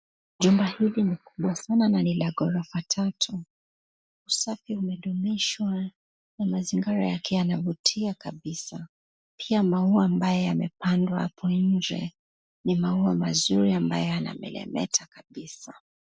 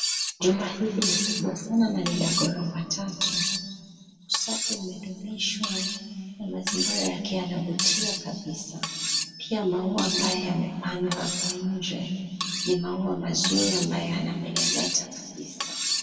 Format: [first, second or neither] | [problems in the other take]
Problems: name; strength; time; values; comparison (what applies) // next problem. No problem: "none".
first | background sound (Cutlery, silverware); 3 dB below the speech // room echo; dies away in 2.1 s